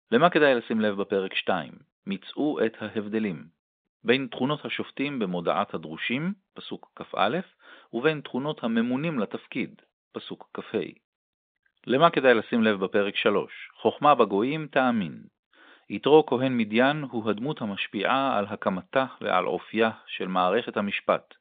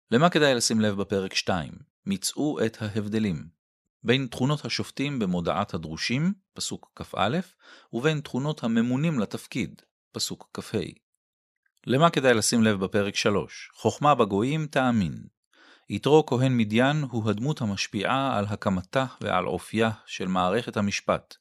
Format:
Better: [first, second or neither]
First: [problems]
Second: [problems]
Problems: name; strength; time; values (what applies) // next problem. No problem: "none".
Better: second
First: phone-call audio; nothing above 3.5 kHz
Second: none